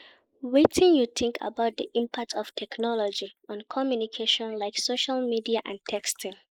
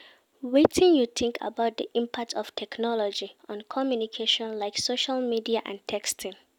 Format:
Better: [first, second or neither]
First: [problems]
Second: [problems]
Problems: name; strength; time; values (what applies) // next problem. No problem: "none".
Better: second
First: noise reduction (neural mask model Resemble Enhance denoiser)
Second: none